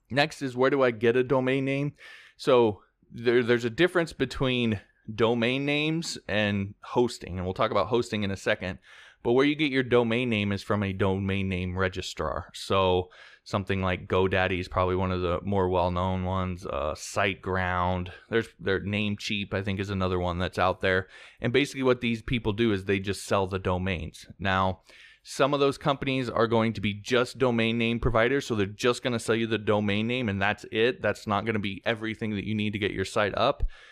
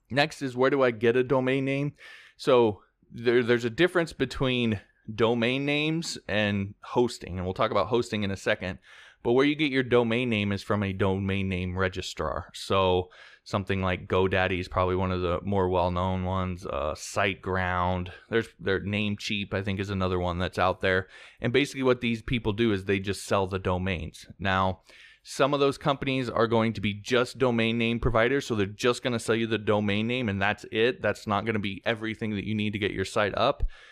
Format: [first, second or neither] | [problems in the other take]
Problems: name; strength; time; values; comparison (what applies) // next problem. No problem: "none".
neither | muffled; slightly; fading above 3.5 kHz; the same in both